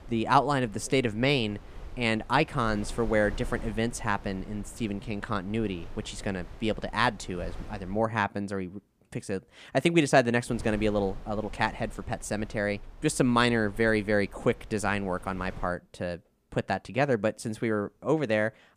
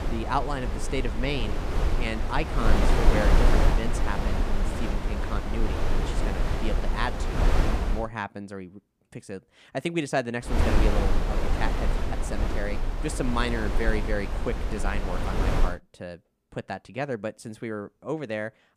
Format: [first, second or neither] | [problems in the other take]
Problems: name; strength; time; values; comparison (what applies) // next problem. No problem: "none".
first | wind noise on the microphone; heavy; until 8 s and from 11 to 16 s; as loud as the speech; occasional gusts in the first